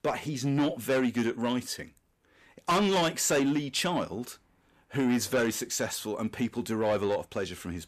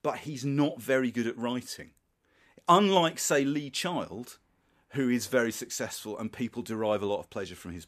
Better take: second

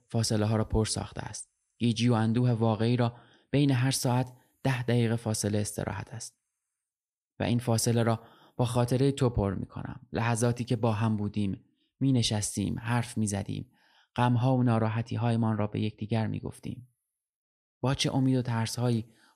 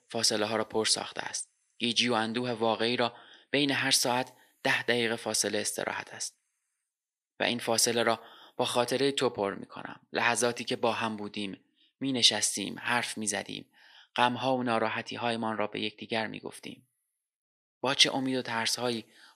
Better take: first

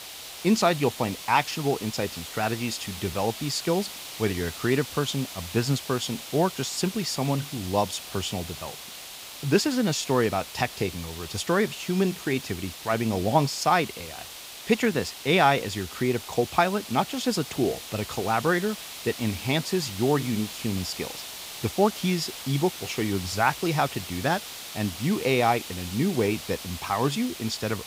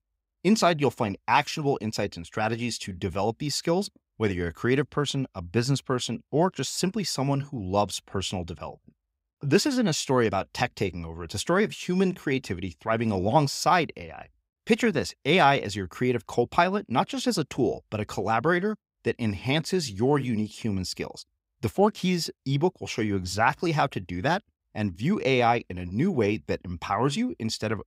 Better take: second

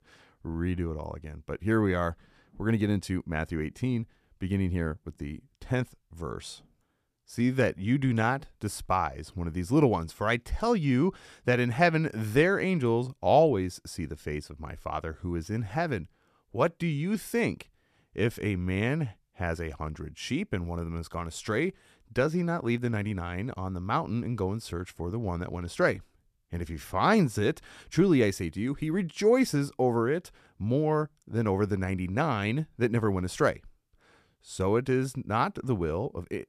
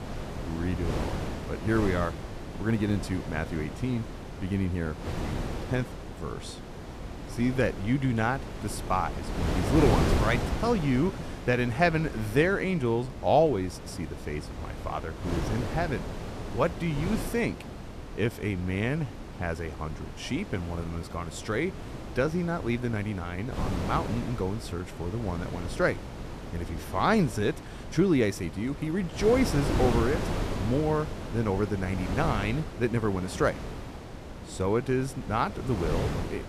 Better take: first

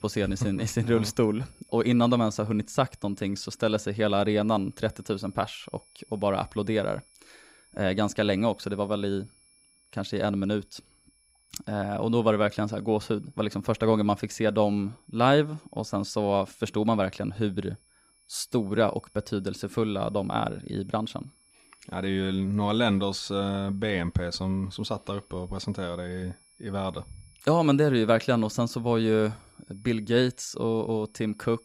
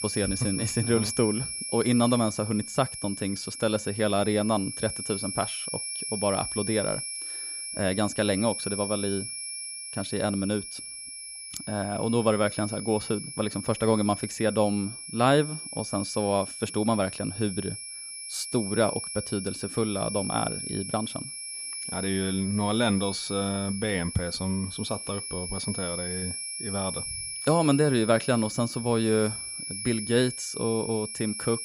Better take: first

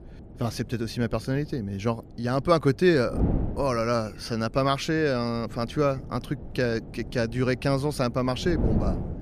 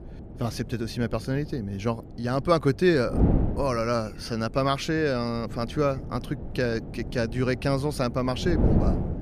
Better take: first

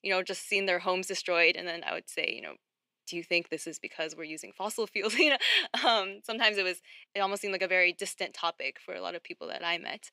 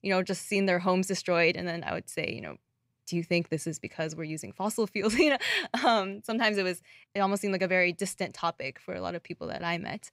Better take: second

